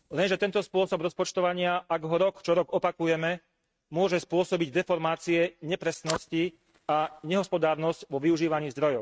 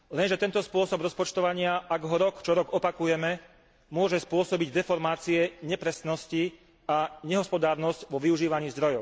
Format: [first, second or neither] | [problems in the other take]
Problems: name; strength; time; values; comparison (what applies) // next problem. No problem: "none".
second | noise reduction (neural mask model RNNoise)